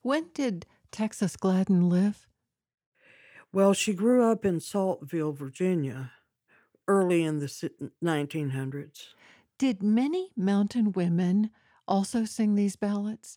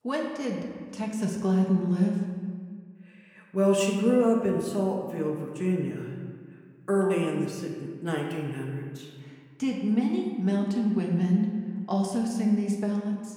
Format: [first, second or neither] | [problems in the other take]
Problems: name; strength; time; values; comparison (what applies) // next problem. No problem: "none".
first | room echo; noticeable; dies away in 1.4 s // off-mic speech; somewhat distant